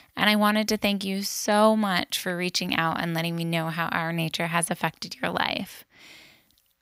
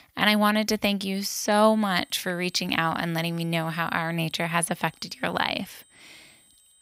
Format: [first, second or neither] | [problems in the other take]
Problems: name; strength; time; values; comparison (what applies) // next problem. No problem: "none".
first | high-pitched whine; faint; from 1 s on; 8 kHz, 30 dB below the speech